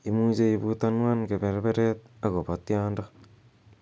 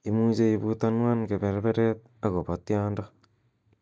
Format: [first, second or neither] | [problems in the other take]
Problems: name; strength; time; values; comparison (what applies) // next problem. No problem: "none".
first | noise reduction (neural mask model DeepFilterNet 3)